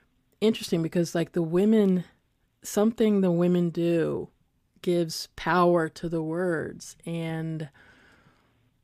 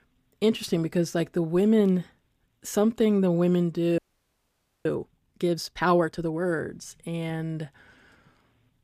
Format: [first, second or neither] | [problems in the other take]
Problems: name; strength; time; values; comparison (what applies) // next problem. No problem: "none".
first | audio freezing; at 4 s for 1 s